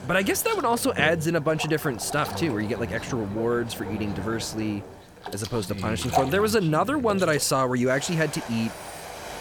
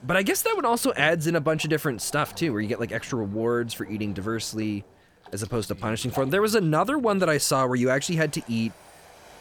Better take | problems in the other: second | train or aircraft noise; loud; throughout; 10 dB below the speech; faint in the second

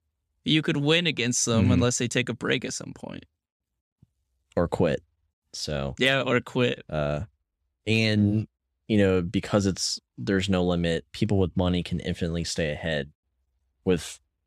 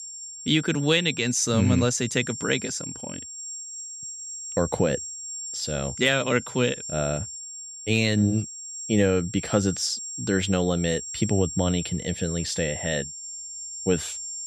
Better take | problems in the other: first | high-pitched whine; loud; throughout; 7.5 kHz, 9 dB below the speech

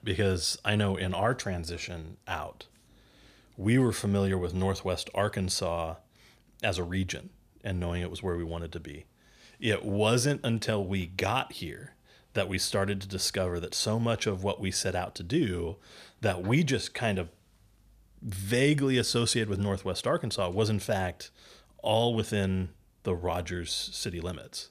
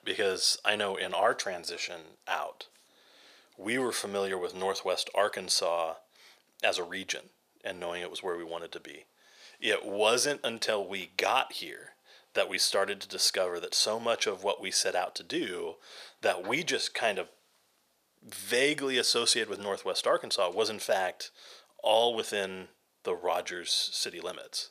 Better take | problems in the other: first | thin; very; fading below 550 Hz

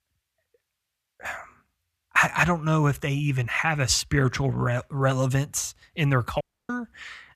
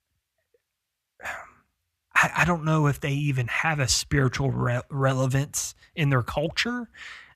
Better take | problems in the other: second | audio cutting out; at 6.5 s

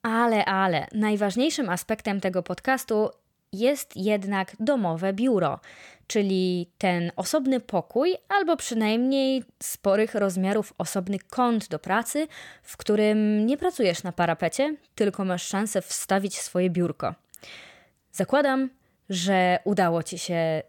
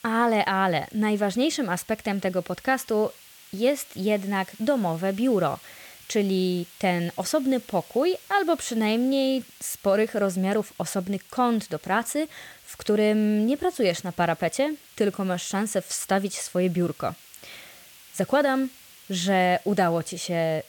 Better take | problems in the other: first | hiss; faint; throughout; 20 dB below the speech

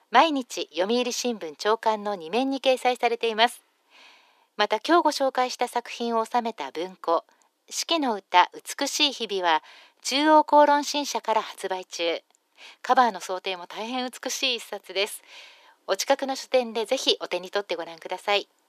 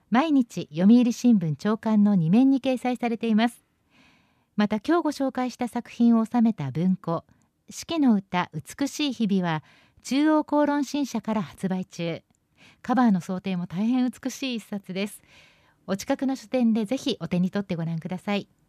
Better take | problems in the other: second | thin; very; fading below 350 Hz

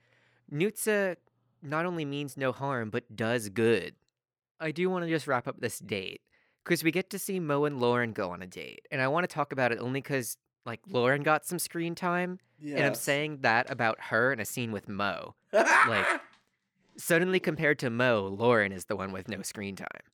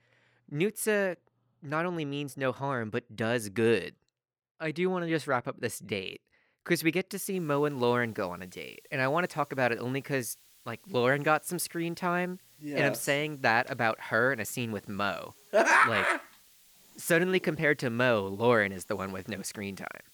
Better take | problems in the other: first | hiss; faint; from 7.5 s on; 25 dB below the speech

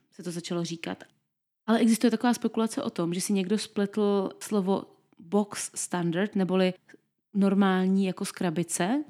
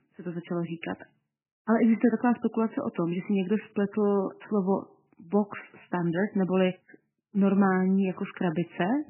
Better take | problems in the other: first | garbled, watery; badly; nothing above 3 kHz

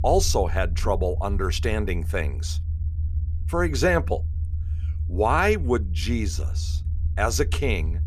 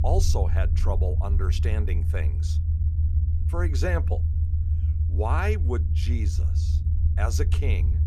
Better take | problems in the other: first | low rumble; loud; throughout; 8 dB below the speech; faint in the first

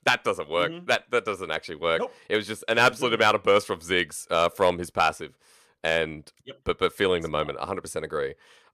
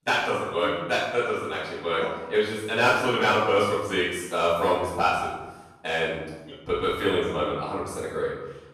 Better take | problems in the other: first | room echo; strong; dies away in 1 s // off-mic speech; far

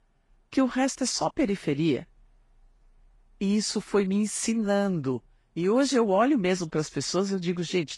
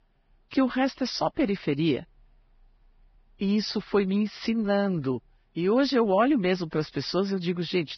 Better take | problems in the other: first | garbled, watery; badly; nothing above 5.5 kHz; slightly in the first

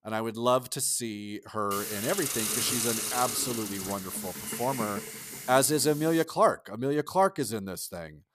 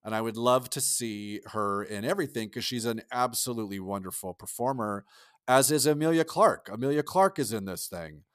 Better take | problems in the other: second | hiss; loud; from 1.5 to 6 s; 3 dB below the speech

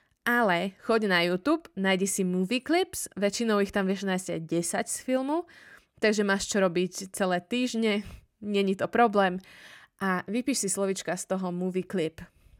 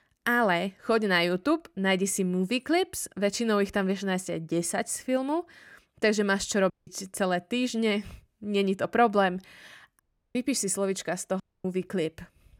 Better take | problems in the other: first | audio cutting out; at 6.5 s, at 10 s and at 11 s

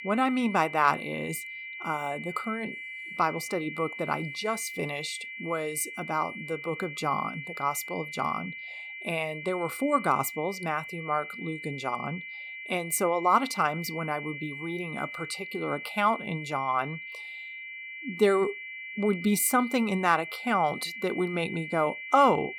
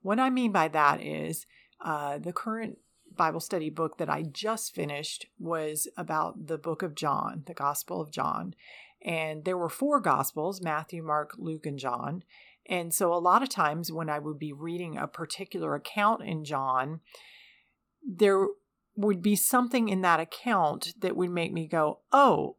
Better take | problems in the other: second | high-pitched whine; loud; throughout; 2 kHz, 9 dB below the speech

